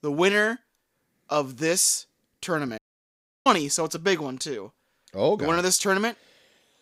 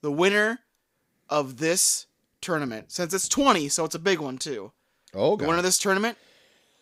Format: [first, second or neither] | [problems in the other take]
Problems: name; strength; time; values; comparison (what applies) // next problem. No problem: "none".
second | audio cutting out; at 3 s for 0.5 s